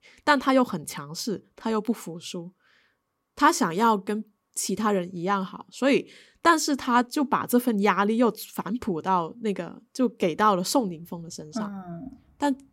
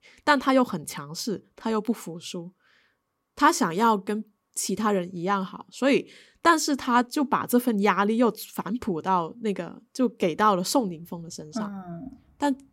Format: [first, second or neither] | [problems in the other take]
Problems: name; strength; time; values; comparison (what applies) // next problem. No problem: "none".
neither | none